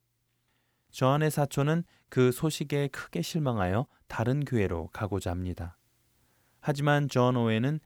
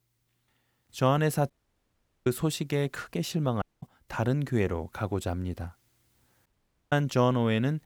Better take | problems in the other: first | audio cutting out; at 1.5 s for 1 s, at 3.5 s and at 6.5 s

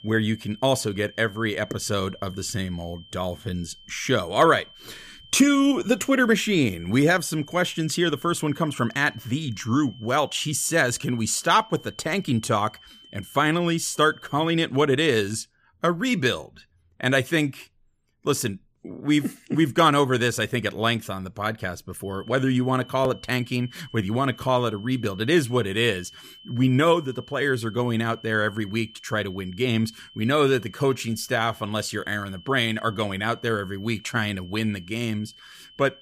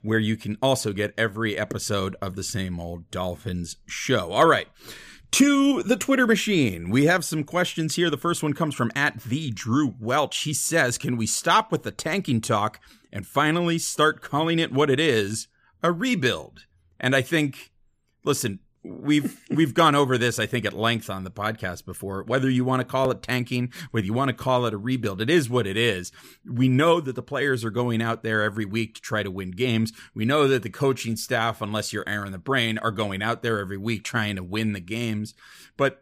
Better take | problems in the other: second | high-pitched whine; faint; until 14 s and from 22 s on; 3 kHz, 20 dB below the speech

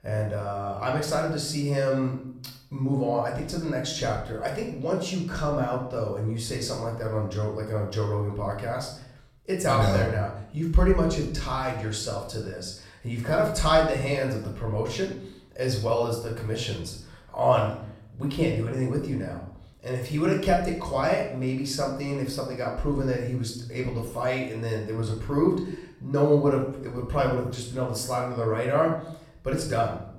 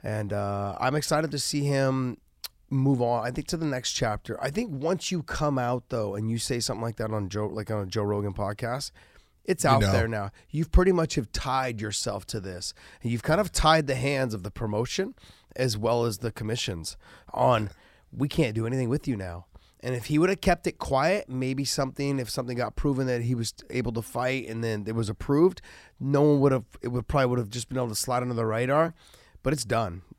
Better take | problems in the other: second | off-mic speech; somewhat distant // room echo; noticeable; dies away in 0.6 s

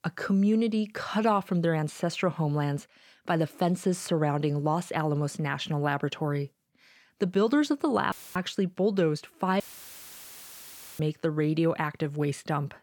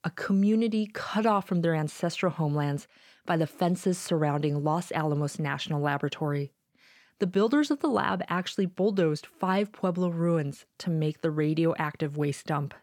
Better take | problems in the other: second | audio cutting out; filled with static; at 8 s and at 9.5 s for 1.5 s

